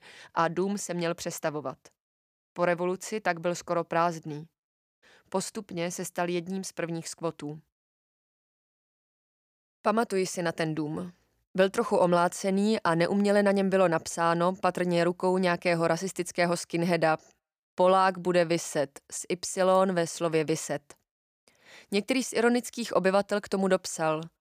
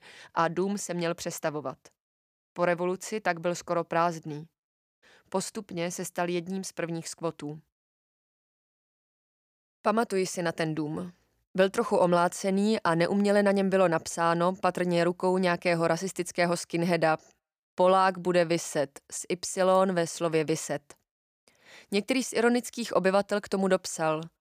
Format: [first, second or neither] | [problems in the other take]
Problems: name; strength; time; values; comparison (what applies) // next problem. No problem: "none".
neither | none